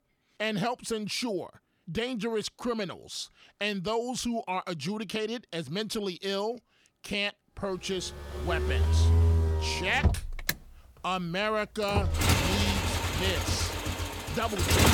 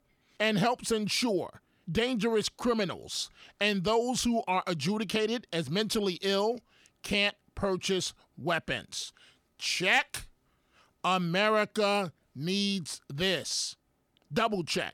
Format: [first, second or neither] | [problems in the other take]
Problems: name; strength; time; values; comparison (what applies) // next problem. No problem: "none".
second | traffic noise; very loud; from 8 s on; 4 dB above the speech